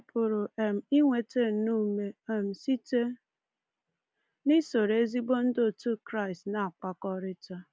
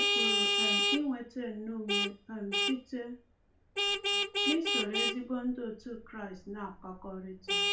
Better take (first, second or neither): first